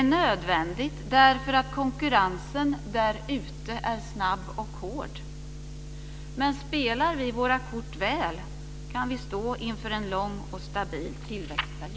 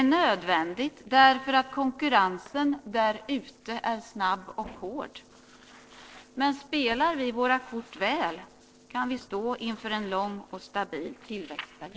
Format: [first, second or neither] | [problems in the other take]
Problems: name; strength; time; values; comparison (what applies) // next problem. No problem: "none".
first | noise reduction (neural separator model SepFormer DNS4)